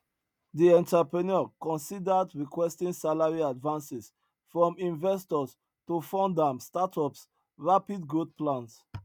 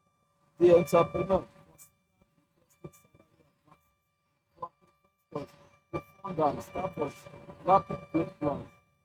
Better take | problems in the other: first | noise reduction (neural mask model RNNoise)

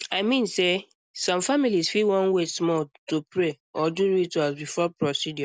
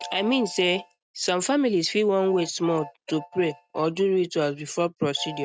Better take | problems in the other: first | noise reduction (neural mask model RNNoise)

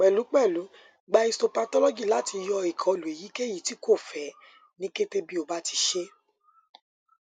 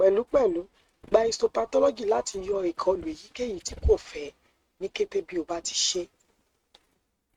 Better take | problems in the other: first | noise reduction (neural mask model RNNoise)

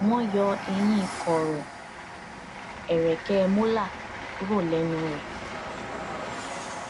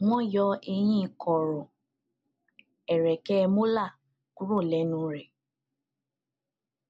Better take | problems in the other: second | background sound (Train); 9 dB below the speech

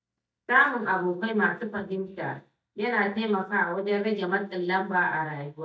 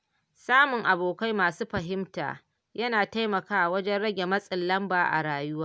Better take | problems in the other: second | noise reduction (neural mask model DeepFilterNet 3)

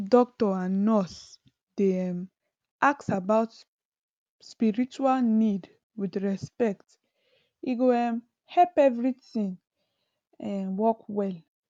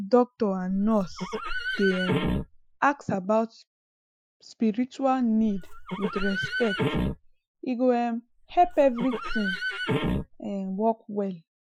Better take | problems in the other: first | noise reduction (classical method Wiener filter)

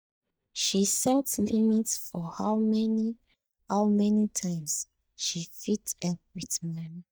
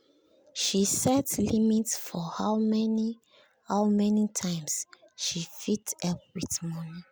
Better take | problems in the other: second | noise reduction (neural mask model DeepFilterNet 3)

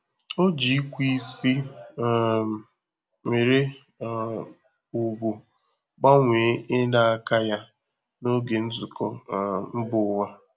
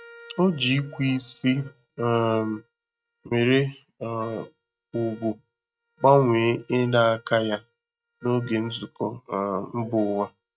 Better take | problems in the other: first | noise reduction (neural mask model RNNoise)

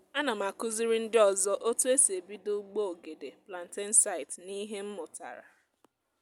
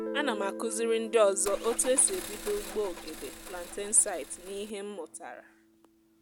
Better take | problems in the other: first | background sound (Car + Guitar); 11 dB below the speech

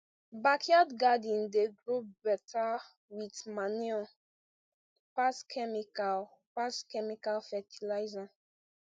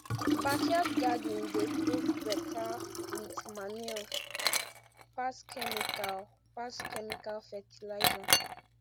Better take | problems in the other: first | background sound (Liquid); 4 dB above the speech

